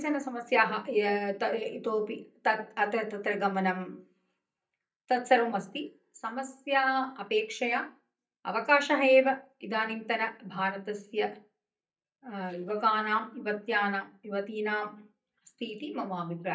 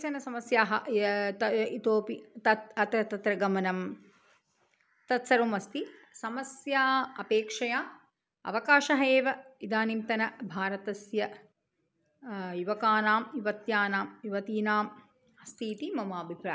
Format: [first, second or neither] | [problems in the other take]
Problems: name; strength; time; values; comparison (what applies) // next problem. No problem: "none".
second | noise reduction (neural mask model DeepFilterNet 3)